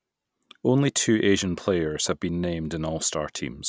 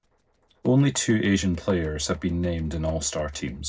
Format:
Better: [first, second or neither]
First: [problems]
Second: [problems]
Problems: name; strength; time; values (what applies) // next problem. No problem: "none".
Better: first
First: none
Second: noise reduction (neural separator model SepFormer DNS4)